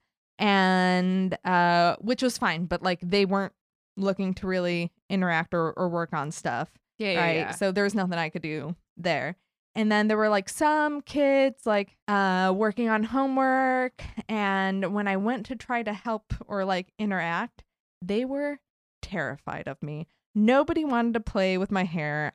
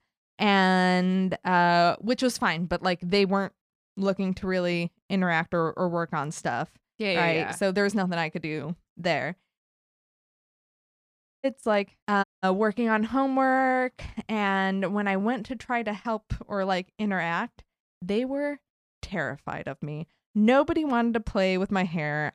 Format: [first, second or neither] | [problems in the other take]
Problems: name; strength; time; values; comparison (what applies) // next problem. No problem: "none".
first | audio cutting out; at 9.5 s for 2 s and at 12 s